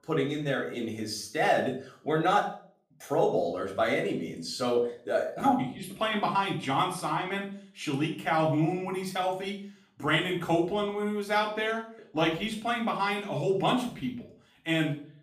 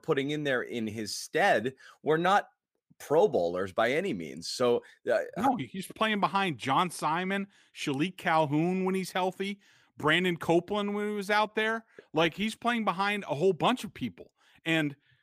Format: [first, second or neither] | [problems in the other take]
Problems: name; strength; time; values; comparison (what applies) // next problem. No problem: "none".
second | room echo; slight; dies away in 0.4 s // off-mic speech; far